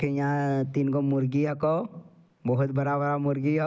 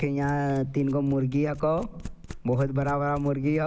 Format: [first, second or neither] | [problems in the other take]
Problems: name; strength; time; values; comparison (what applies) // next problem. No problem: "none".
first | background sound (Domestic sounds, home sounds); 16 dB below the speech